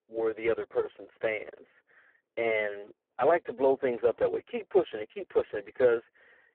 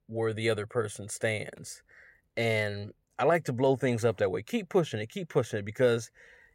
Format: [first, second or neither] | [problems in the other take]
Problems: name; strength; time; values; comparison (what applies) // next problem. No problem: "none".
second | phone-call audio; poor line